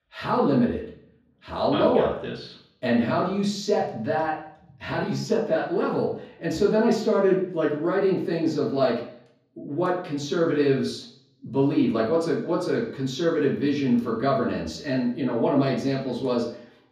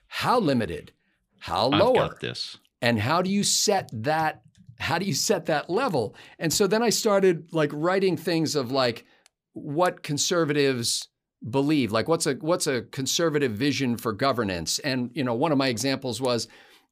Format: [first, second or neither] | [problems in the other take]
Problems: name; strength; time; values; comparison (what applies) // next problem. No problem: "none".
second | room echo; noticeable; dies away in 0.6 s // off-mic speech; far